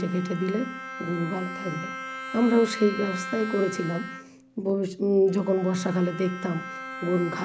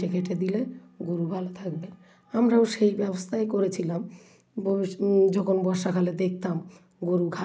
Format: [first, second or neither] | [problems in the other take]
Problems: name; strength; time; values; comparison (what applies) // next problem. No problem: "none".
second | background sound (Bowed string instrument); 11 dB below the speech